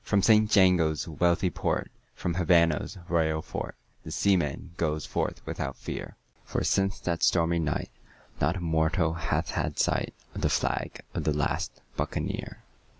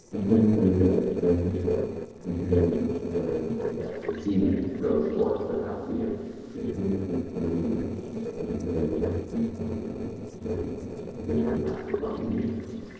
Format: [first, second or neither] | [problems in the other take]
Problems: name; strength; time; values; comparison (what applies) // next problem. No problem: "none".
first | noise reduction (neural separator model SepFormer DNS4)